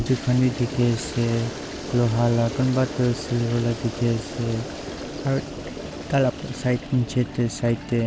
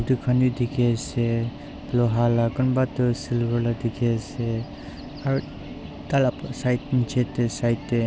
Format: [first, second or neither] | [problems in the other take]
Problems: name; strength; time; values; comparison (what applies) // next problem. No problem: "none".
second | background sound (Toilet flush); 12 dB below the speech